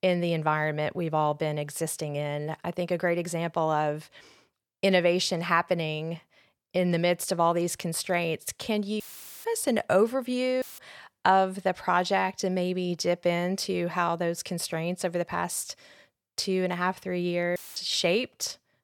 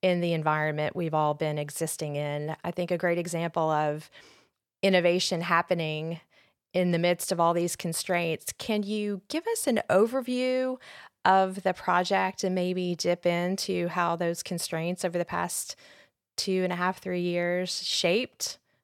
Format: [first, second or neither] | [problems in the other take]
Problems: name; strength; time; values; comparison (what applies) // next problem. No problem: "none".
second | audio cutting out; filled with static; at 9 s, at 11 s and at 18 s